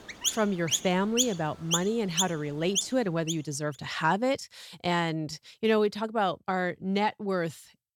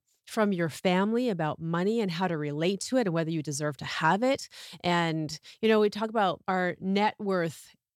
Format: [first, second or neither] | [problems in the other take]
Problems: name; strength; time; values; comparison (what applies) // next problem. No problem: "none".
second | animal sounds; loud; until 3 s; 2 dB below the speech